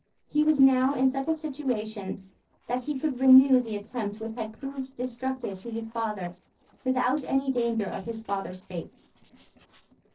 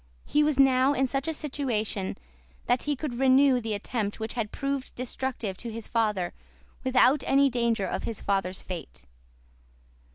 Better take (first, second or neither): second